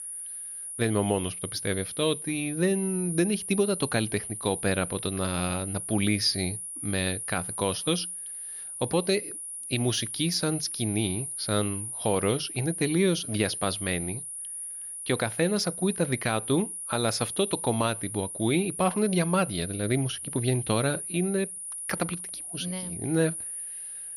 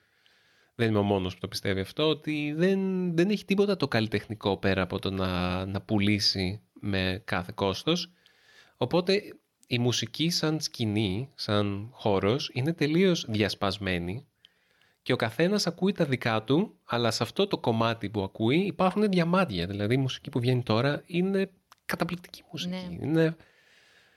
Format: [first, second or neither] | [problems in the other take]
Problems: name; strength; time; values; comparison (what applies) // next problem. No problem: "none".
second | high-pitched whine; loud; throughout; 9.5 kHz, 6 dB below the speech